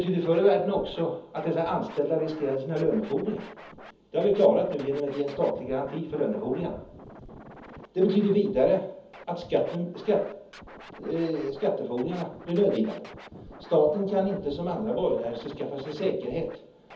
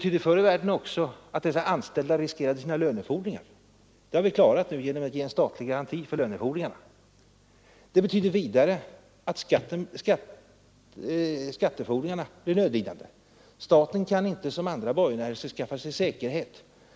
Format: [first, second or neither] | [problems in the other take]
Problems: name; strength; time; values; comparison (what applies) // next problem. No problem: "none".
second | background sound (Scratching (performance technique)); 19 dB below the speech // room echo; dies away in 0.7 s